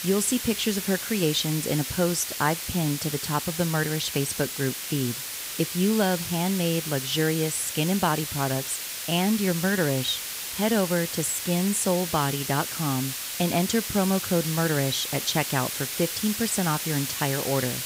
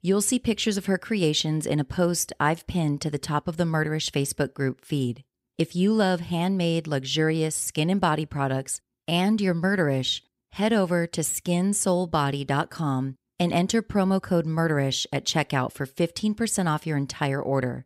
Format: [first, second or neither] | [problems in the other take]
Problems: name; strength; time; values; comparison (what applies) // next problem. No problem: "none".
second | hiss; loud; throughout; 4 dB below the speech